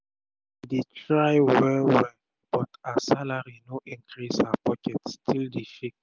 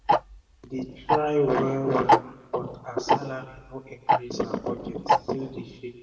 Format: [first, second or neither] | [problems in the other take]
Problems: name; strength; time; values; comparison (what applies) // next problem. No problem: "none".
first | background sound (Tick-tock); 1 dB above the speech // room echo; dies away in 1 s